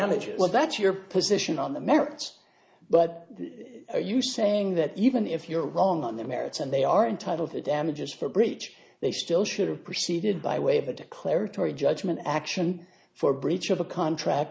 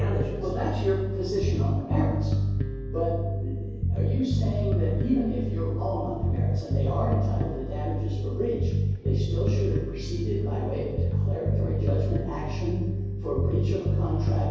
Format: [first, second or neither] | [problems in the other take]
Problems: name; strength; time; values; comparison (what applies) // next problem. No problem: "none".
first | background sound (Bass guitar); 4 dB above the speech // room echo; dies away in 1.3 s